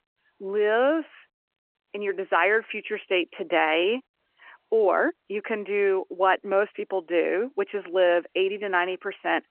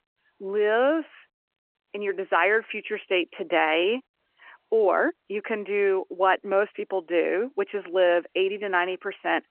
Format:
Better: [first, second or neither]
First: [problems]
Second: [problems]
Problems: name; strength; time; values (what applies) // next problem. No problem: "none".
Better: neither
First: phone-call audio; nothing above 3 kHz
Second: phone-call audio; nothing above 3 kHz